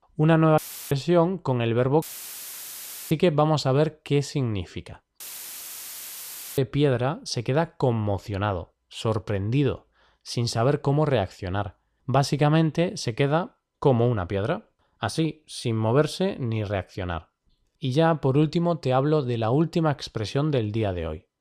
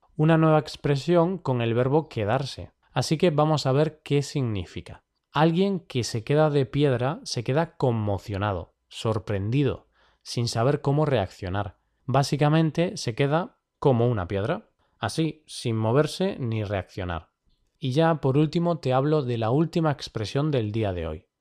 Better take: second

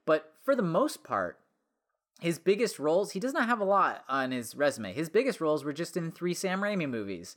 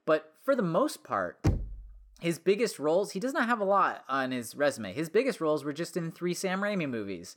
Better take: first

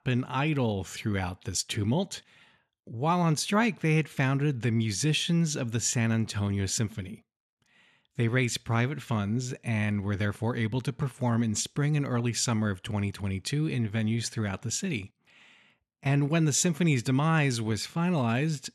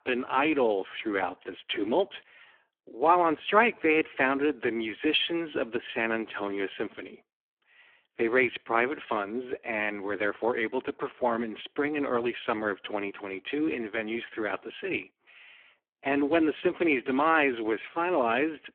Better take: first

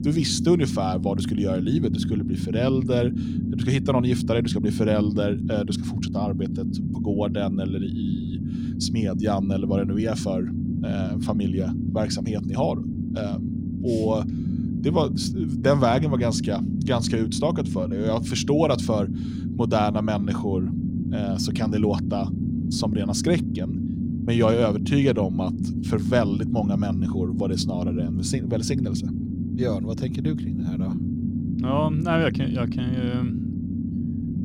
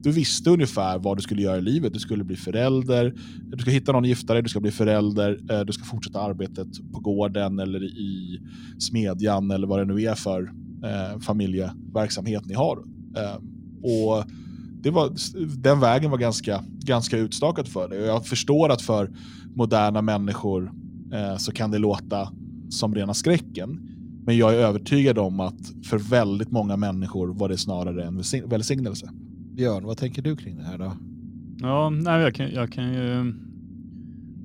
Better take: second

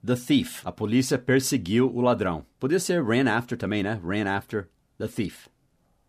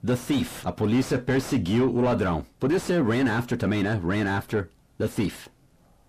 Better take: first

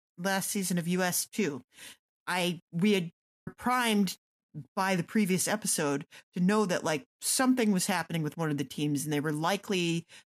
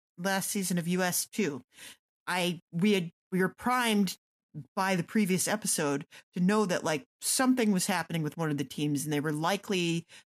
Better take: second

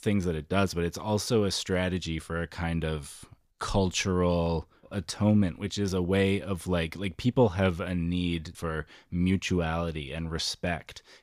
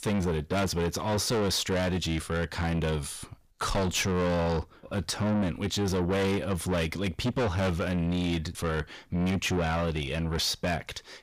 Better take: first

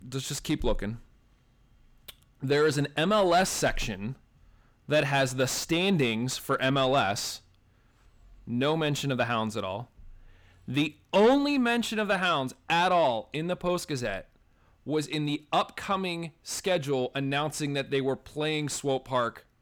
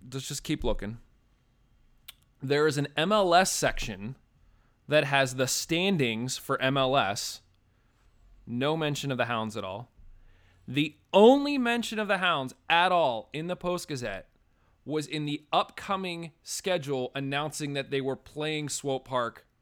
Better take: second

